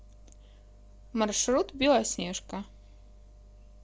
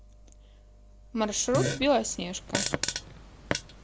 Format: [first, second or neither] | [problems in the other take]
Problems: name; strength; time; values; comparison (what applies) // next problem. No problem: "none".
first | background sound (Fart); 2 dB below the speech